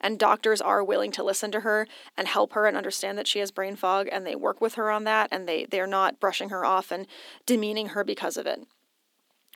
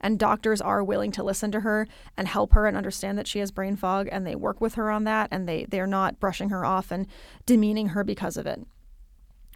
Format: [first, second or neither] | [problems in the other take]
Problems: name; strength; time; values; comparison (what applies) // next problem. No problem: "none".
second | thin; somewhat; fading below 300 Hz